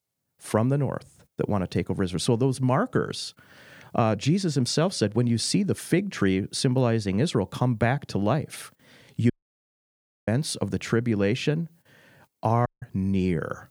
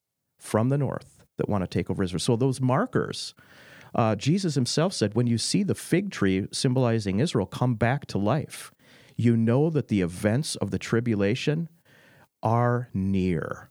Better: second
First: audio cutting out; at 9.5 s for 1 s and at 13 s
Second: none

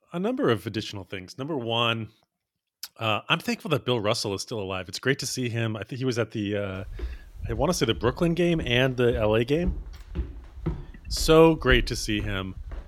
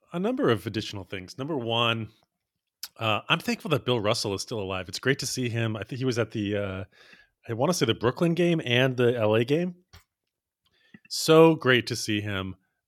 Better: second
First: footsteps; noticeable; from 7 s on; peak 8 dB below the speech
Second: none

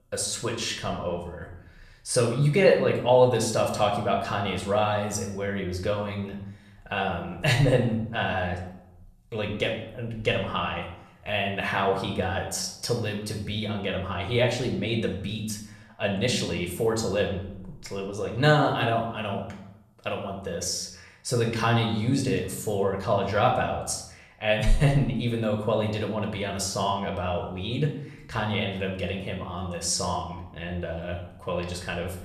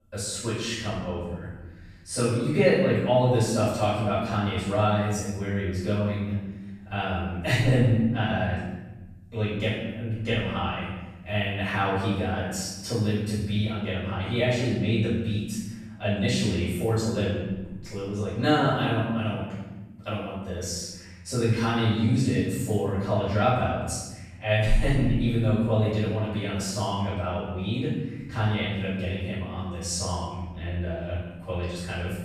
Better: first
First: room echo; slight; dies away in 0.6 s // off-mic speech; somewhat distant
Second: room echo; strong; dies away in 1.2 s // off-mic speech; far

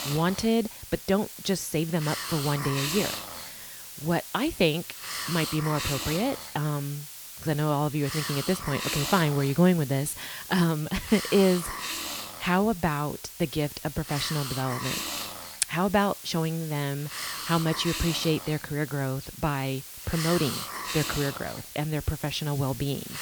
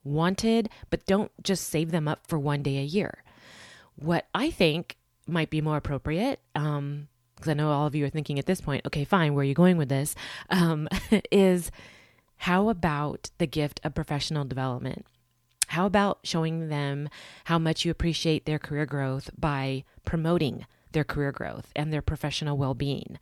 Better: second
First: hiss; loud; throughout; 7 dB below the speech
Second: none

